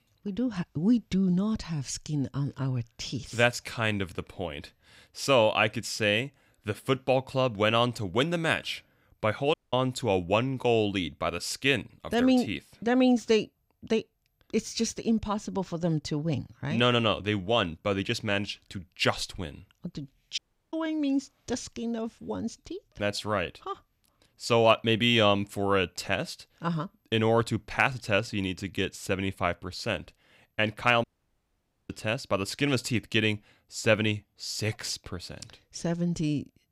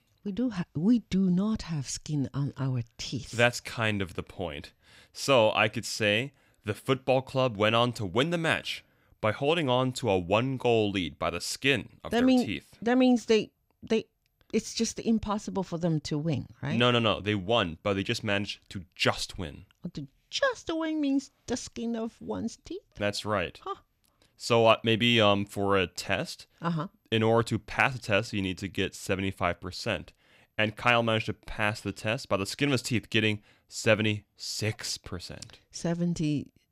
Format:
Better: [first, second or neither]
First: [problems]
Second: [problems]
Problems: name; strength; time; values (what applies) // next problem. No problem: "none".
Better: second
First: audio cutting out; at 9.5 s, at 20 s and at 31 s for 1 s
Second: none